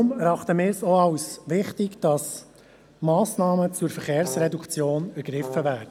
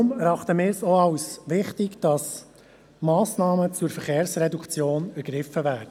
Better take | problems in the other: second | background sound (Brass instrument); 12 dB below the speech

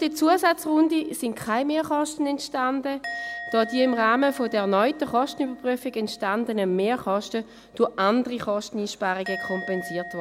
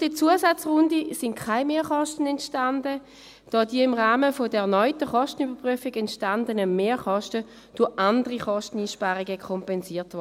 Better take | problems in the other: second | background sound (Musical instrument); 16 dB below the speech

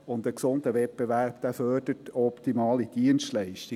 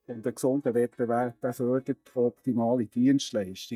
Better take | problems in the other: first | noise reduction (neural mask model DeepFilterNet 3)

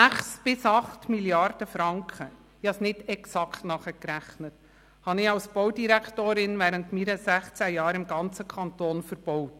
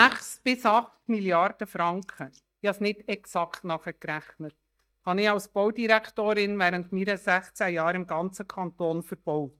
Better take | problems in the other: first | noise reduction (neural mask model DeepFilterNet 3)

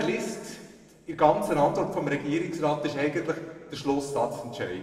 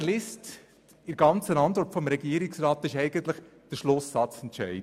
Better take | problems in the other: second | room echo; dies away in 1.4 s

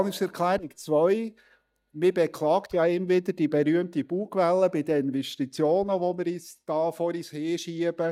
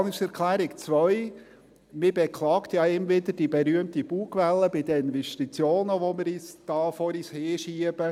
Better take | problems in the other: second | noise reduction (neural mask model DeepFilterNet 3)

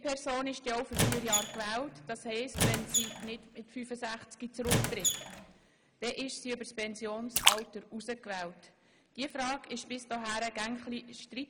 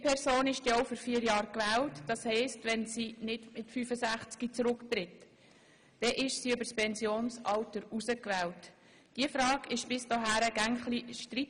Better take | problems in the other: second | background sound (Squeak + Splash, splatter); 5 dB above the speech

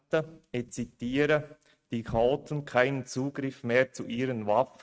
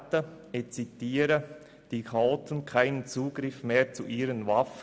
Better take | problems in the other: second | noise reduction (neural mask model RNNoise)

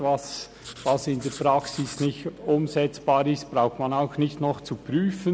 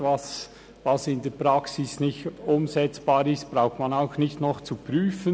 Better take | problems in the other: second | background sound (Writing); 18 dB below the speech

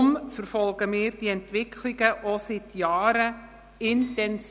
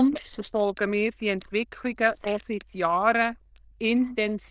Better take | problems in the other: first | noise reduction (neural diffusion model UNIVERSE++)

